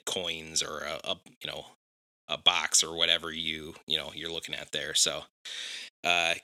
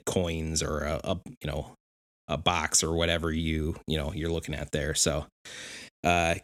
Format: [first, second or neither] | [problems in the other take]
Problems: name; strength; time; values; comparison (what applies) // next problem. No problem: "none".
second | thin; somewhat; fading below 800 Hz